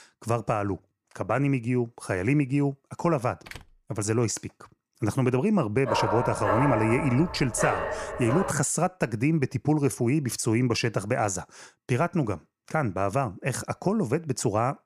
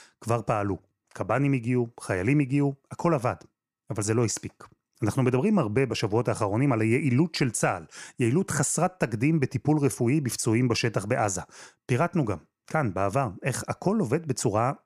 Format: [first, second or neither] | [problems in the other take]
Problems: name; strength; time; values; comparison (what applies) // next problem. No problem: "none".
second | door banging; faint; at 3.5 s; peak 20 dB below the speech // dog barking; loud; from 6 to 8.5 s; peak level with the speech